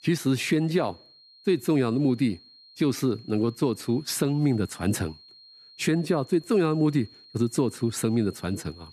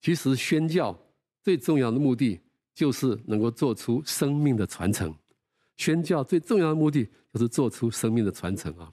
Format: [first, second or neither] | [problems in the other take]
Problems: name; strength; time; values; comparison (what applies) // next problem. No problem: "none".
second | high-pitched whine; faint; throughout; 4 kHz, 25 dB below the speech